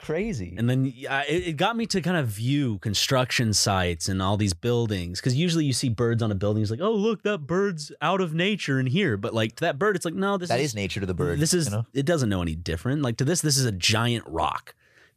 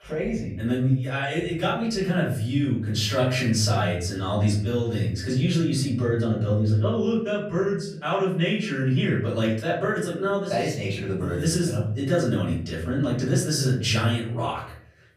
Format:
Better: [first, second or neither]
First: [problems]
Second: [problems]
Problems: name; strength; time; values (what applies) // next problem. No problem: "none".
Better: first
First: none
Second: off-mic speech; far // room echo; noticeable; dies away in 0.7 s